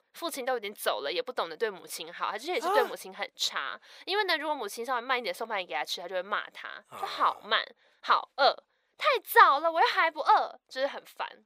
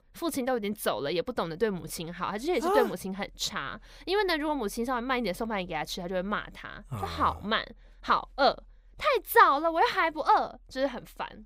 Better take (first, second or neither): second